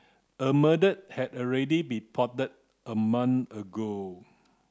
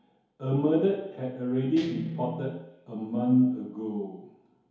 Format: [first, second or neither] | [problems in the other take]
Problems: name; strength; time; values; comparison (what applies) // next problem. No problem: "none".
first | background sound (Guitar); 13 dB below the speech // room echo; dies away in 2.2 s